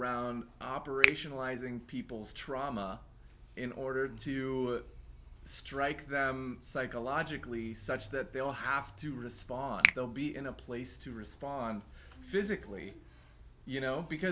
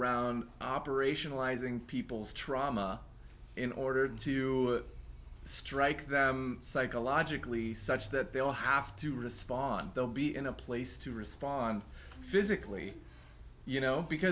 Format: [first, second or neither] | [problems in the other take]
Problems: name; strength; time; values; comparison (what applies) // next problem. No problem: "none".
second | background sound (Finger snapping); 1 dB above the speech